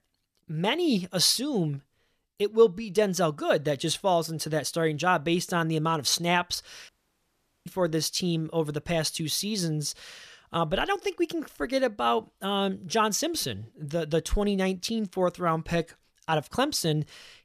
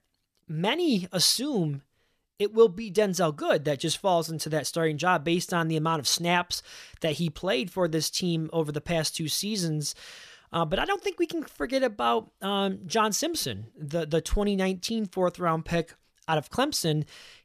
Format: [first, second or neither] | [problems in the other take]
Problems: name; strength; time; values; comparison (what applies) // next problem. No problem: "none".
second | audio cutting out; at 7 s for 1 s